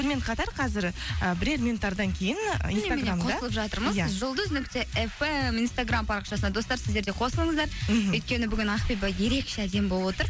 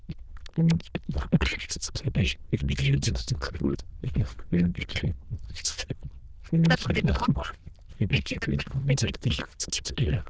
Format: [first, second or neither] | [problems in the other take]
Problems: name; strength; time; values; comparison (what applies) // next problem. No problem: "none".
first | noise reduction (neural diffusion model UNIVERSE++)